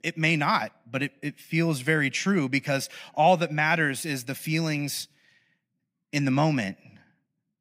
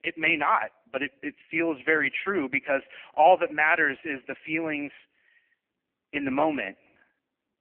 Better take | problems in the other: first | phone-call audio; poor line; nothing above 3 kHz

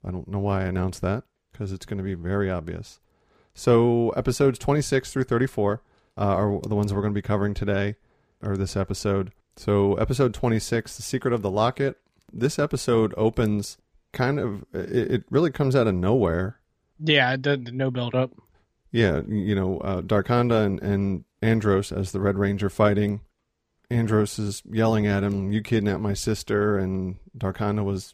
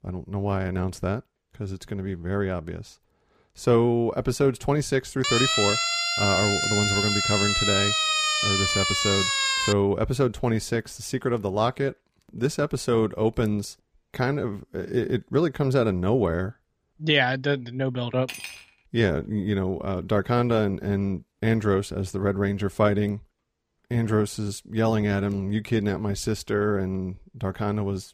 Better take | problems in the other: first | siren; loud; from 5 to 9.5 s; peak 5 dB above the speech // clattering dishes; noticeable; at 18 s; peak 10 dB below the speech

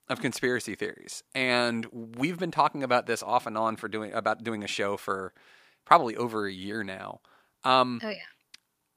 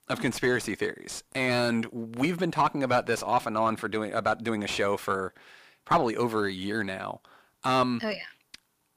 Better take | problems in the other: first | distortion; heavy; 6 dB below the speech

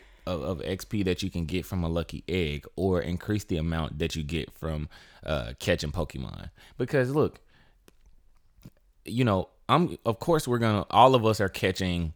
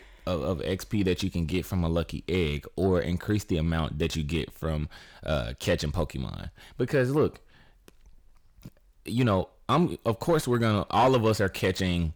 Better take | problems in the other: first | distortion; slight; 10 dB below the speech

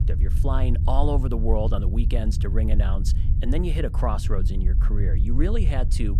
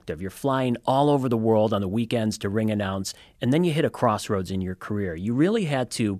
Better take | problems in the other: second | low rumble; loud; throughout; 10 dB below the speech

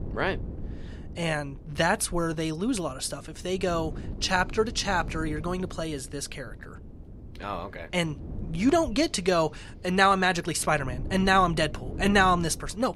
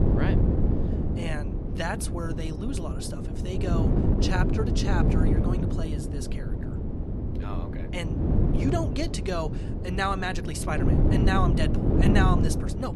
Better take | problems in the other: first | wind noise on the microphone; heavy; 2 dB below the speech; occasional gusts in the first

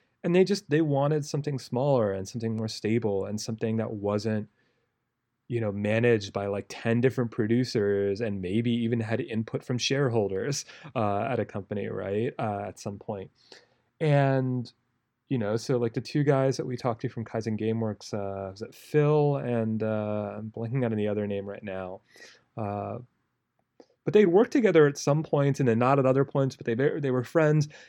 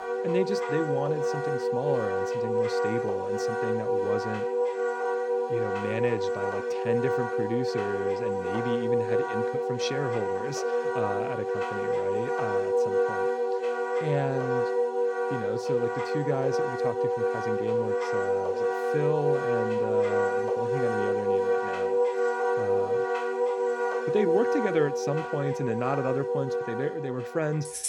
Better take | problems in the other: first | background music; very loud; throughout; 5 dB above the speech

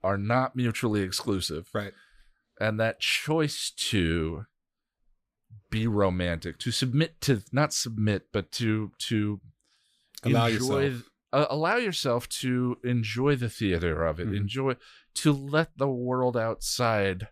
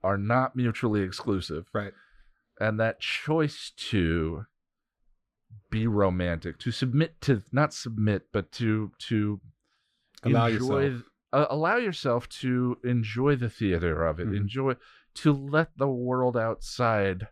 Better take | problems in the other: first | muffled; slightly; fading above 2 kHz

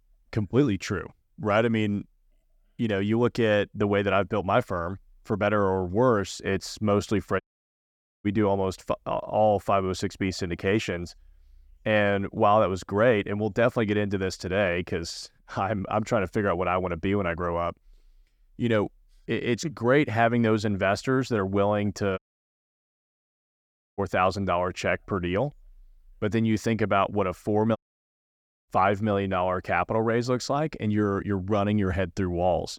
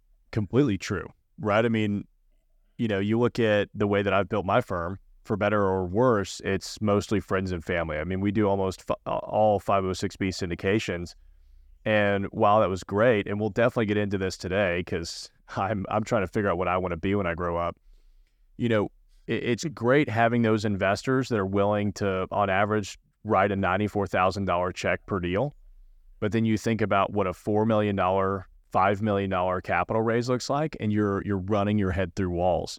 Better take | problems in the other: second | audio cutting out; at 7.5 s for 1 s, at 22 s for 2 s and at 28 s for 1 s

